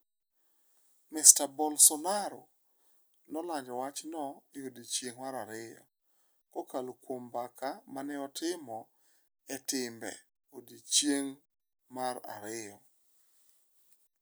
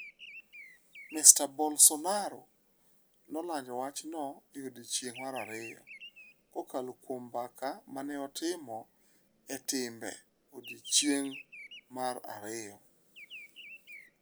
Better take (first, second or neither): first